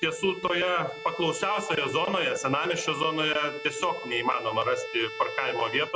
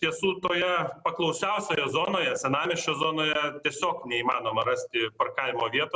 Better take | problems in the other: second | background sound (Bowed string instrument); 11 dB below the speech

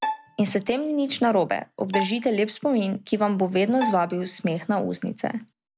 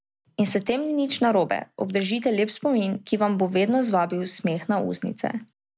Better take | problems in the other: second | background sound (Bowed string instrument); 12 dB below the speech

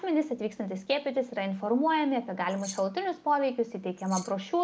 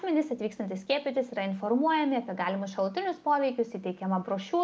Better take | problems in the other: second | background sound (Keys jangling); 14 dB below the speech

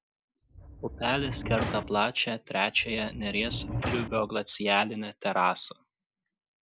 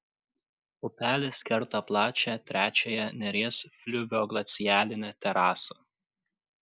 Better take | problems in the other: second | background sound (Sliding door); 7 dB below the speech

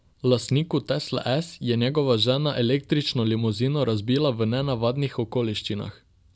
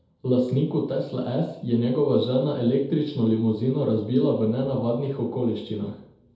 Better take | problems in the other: first | room echo; dies away in 0.8 s

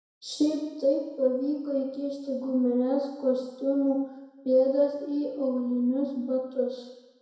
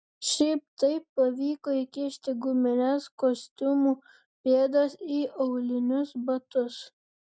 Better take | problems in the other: second | room echo; dies away in 1 s

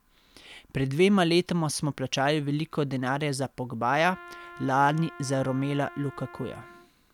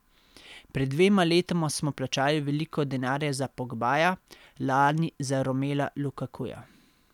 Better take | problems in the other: second | background sound (Trumpet); 19 dB below the speech

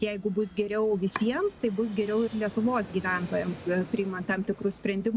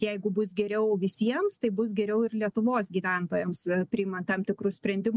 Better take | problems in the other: second | background sound (Domestic sounds, home sounds + Fixed-wing aircraft, airplane); 16 dB below the speech

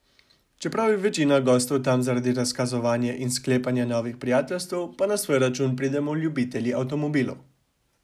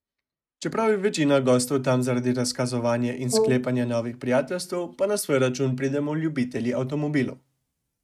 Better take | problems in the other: first | noise reduction (neural mask model RNNoise)

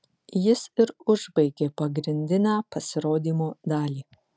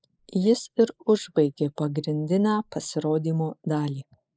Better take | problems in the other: first | noise reduction (neural mask model Resemble Enhance denoiser)

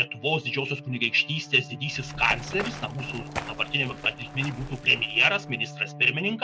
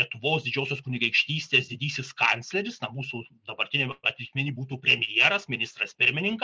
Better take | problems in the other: second | background sound (Run + Bowed string instrument); 12 dB below the speech

